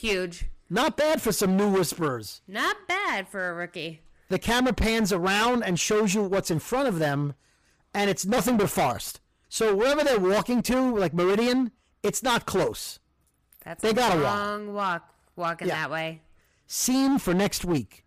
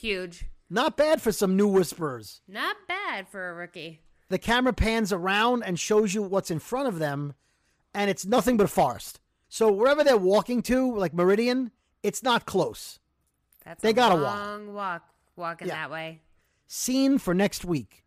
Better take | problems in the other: second | distortion; heavy; 17% of the sound clipped

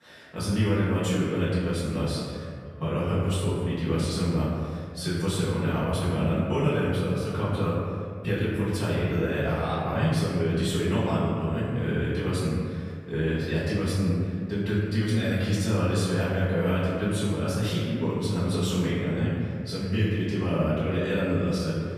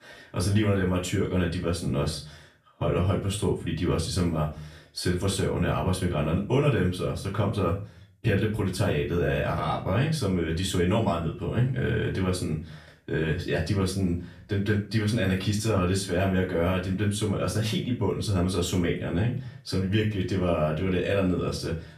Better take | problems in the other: second | room echo; strong; dies away in 2 s; slight in the second // off-mic speech; far; far in the second

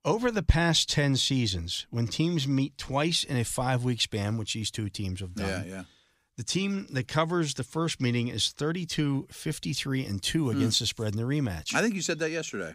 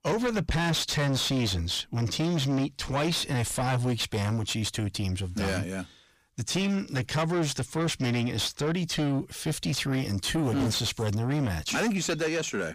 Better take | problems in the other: first | distortion; heavy; 6 dB below the speech

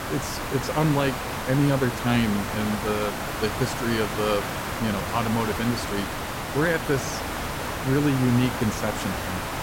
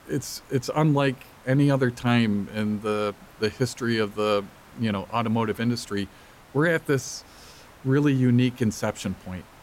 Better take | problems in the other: second | hiss; loud; throughout; 4 dB below the speech; faint in the second

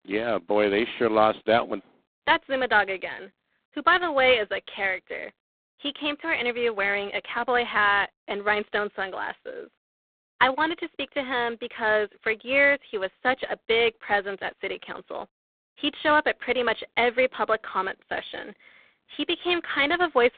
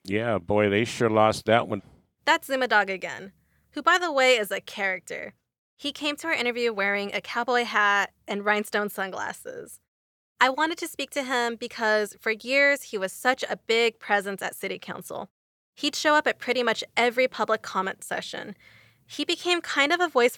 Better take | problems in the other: second | phone-call audio; poor line; nothing above 3.5 kHz

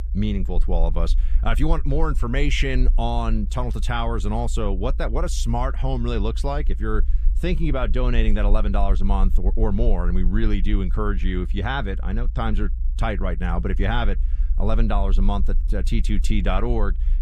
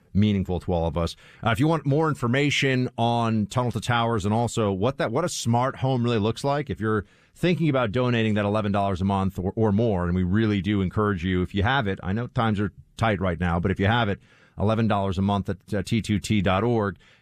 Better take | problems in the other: second | low rumble; faint; throughout; 20 dB below the speech

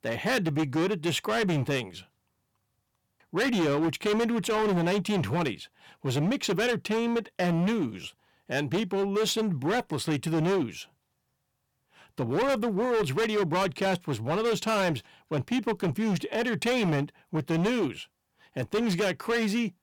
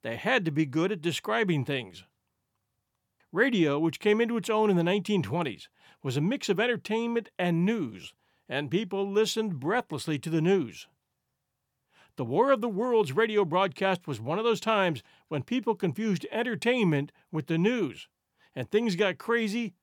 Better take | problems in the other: second | distortion; heavy; 18% of the sound clipped

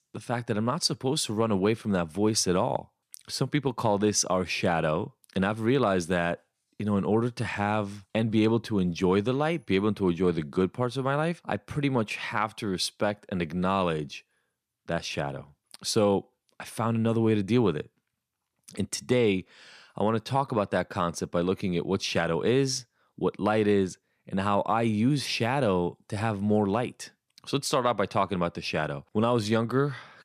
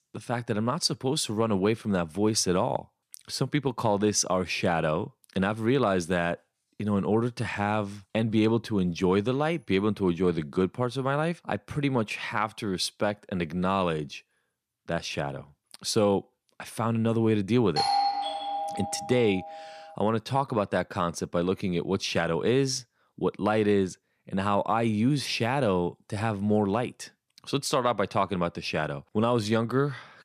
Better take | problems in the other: first | doorbell; loud; from 18 to 20 s; peak 3 dB above the speech

